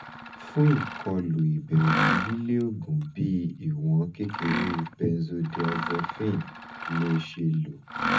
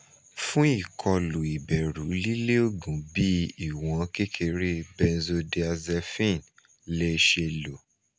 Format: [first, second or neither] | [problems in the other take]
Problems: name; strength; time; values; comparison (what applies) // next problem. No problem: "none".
second | background sound (Mechanisms); 6 dB below the speech // room echo; dies away in 0.4 s